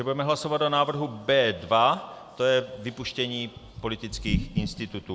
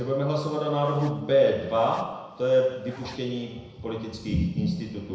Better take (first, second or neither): first